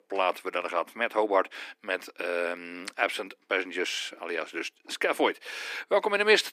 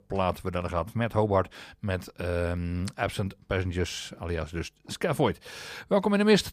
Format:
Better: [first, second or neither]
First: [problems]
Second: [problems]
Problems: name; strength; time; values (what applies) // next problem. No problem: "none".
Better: second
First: thin; very; fading below 300 Hz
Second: none